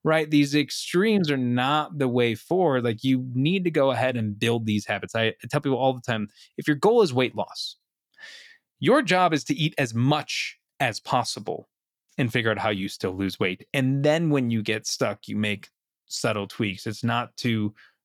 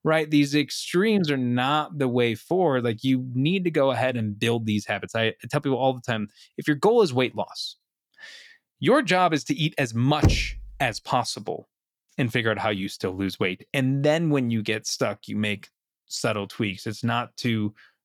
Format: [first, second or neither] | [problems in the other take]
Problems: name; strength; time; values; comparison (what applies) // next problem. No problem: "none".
first | door banging; loud; at 10 s; peak 1 dB above the speech